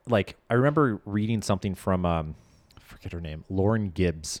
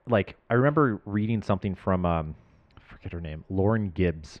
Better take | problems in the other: first | muffled; very; fading above 2.5 kHz

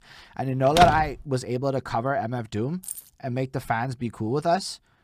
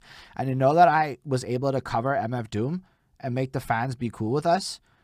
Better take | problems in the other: second | door banging; loud; at 1 s; peak 1 dB above the speech // jangling keys; faint; at 3 s; peak 10 dB below the speech

